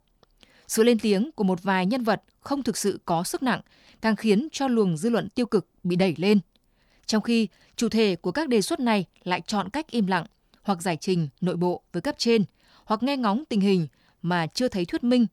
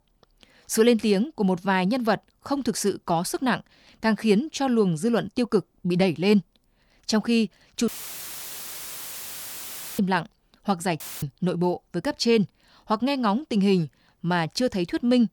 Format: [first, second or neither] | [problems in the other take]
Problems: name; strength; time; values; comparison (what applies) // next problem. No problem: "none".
first | audio cutting out; filled with static; at 8 s for 2 s and at 11 s